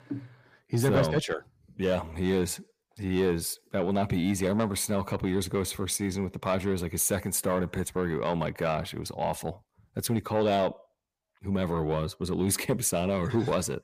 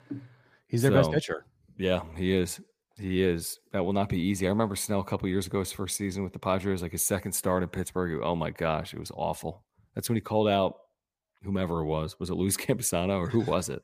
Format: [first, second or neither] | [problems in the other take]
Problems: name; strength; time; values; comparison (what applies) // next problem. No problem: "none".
second | distortion; slight; 10 dB below the speech